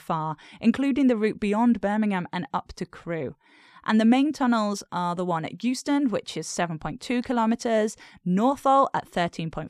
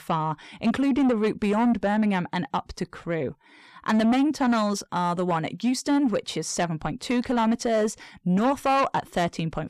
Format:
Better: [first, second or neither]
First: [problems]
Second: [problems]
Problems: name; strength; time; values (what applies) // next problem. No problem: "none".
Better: first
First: none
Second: distortion; slight; 10 dB below the speech